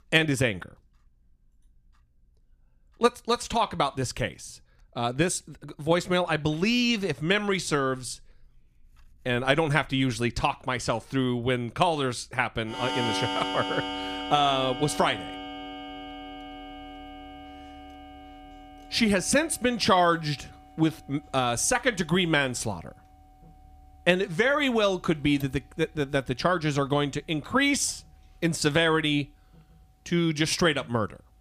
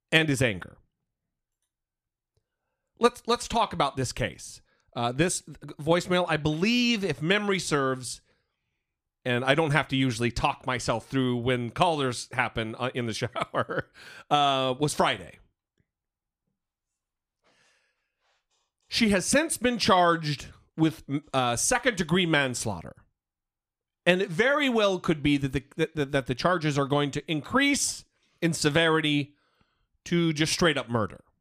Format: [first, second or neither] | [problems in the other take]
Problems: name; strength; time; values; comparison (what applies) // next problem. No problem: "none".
second | household noises; loud; throughout; 10 dB below the speech